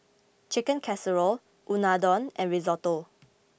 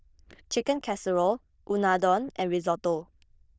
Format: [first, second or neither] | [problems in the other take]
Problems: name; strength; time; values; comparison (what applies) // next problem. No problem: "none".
first | noise reduction (neural diffusion model UNIVERSE++)